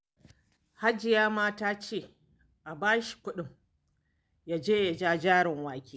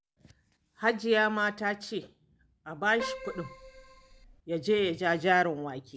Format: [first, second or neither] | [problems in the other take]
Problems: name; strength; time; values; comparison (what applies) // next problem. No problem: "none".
first | background sound (Keyboard (musical)); 11 dB below the speech